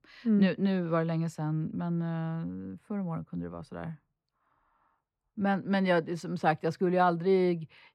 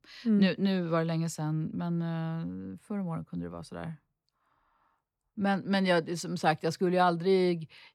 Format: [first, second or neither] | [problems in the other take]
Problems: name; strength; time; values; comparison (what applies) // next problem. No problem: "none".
second | muffled; slightly; fading above 3.5 kHz